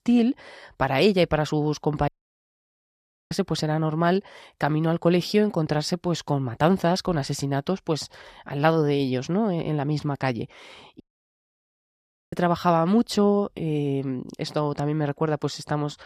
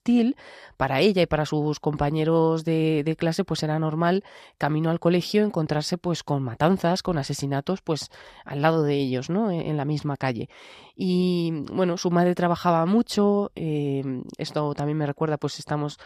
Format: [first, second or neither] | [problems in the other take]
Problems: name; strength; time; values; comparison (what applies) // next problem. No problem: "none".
second | audio cutting out; at 2 s for 1 s and at 11 s for 1.5 s